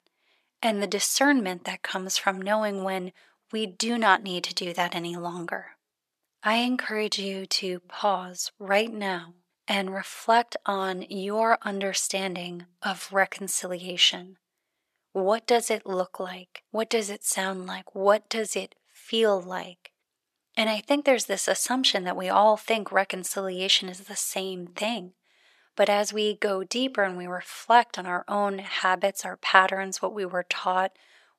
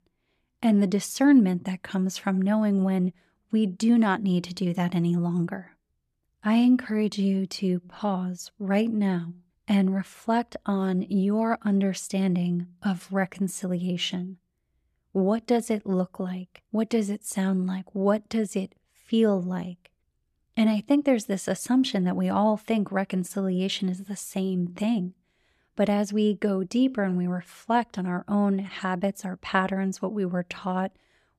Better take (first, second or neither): second